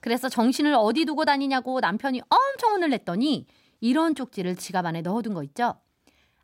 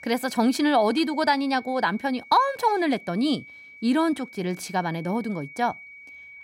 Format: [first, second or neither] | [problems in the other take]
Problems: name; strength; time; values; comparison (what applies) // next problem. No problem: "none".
first | high-pitched whine; noticeable; throughout; 2.5 kHz, 20 dB below the speech